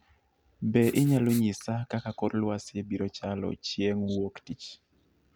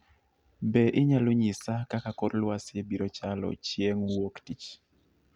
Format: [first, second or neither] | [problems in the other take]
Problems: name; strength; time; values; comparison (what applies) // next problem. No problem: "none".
second | background sound (Writing); 15 dB below the speech